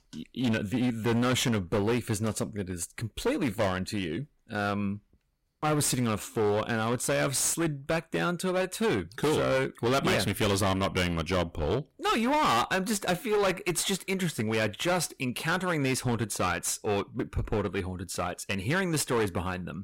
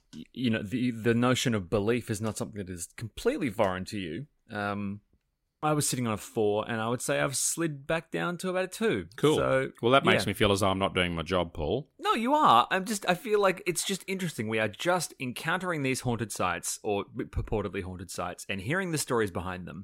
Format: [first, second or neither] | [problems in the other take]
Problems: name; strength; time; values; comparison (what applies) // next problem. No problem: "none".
second | distortion; heavy; 15% of the sound clipped